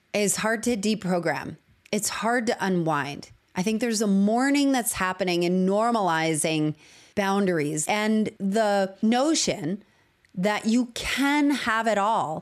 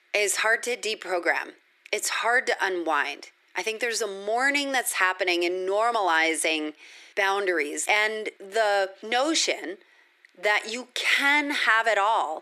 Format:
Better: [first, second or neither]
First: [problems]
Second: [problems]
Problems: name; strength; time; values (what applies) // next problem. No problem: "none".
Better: first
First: none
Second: thin; very; fading below 350 Hz